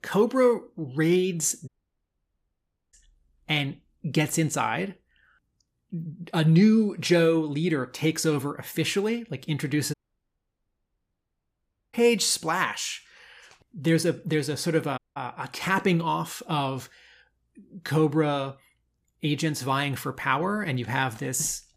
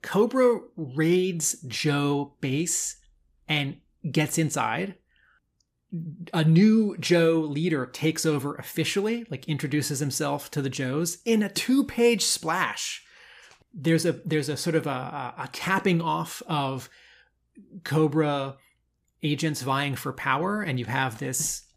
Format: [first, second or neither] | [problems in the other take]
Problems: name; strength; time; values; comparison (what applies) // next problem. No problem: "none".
second | audio cutting out; at 1.5 s for 1.5 s, at 10 s for 2 s and at 15 s